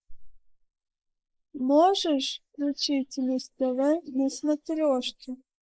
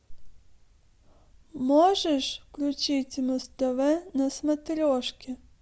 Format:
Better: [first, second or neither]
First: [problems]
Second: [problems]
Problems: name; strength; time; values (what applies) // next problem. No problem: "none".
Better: second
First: noise reduction (neural mask model Resemble Enhance denoiser)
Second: none